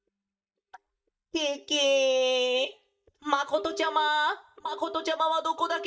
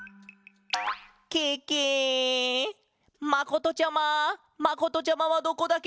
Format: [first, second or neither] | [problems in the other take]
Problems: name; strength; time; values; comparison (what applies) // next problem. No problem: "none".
second | noise reduction (neural mask model DeepFilterNet 3)